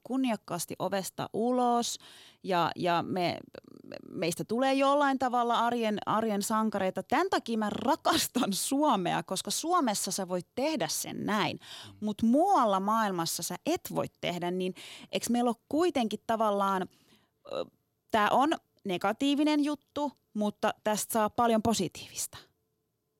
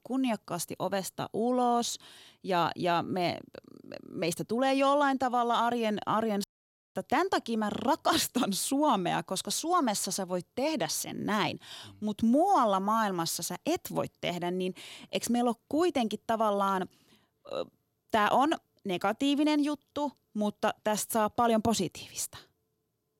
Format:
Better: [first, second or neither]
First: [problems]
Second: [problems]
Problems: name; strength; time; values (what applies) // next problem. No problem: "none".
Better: first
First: none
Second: audio cutting out; at 6.5 s for 0.5 s